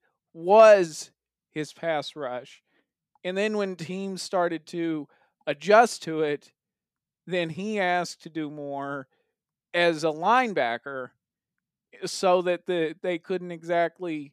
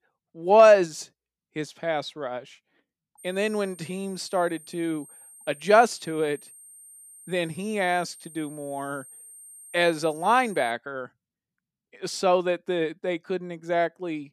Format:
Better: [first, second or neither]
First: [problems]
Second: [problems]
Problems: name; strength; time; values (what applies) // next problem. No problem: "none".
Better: first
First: none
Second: high-pitched whine; faint; from 3 to 11 s; 8.5 kHz, 20 dB below the speech